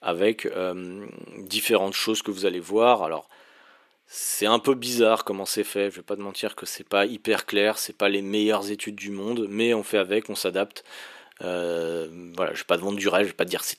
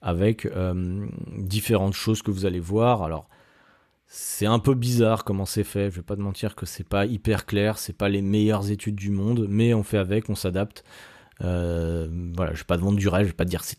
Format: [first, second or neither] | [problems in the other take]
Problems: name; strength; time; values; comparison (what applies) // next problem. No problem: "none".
second | thin; somewhat; fading below 300 Hz